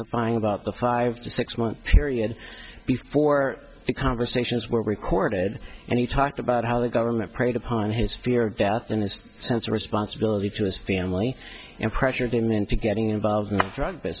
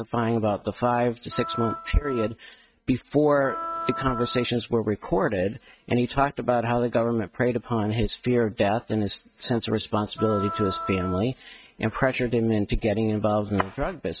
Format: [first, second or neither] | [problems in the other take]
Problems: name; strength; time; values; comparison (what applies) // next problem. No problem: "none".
first | noise reduction (neural mask model RNNoise)